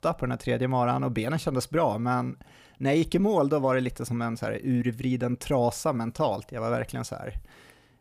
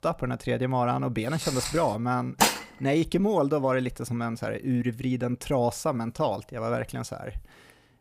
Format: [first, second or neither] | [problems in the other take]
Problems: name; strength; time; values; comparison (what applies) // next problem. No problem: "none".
first | footsteps; noticeable; at 1.5 s; peak 4 dB below the speech // clattering dishes; loud; at 2.5 s; peak 4 dB above the speech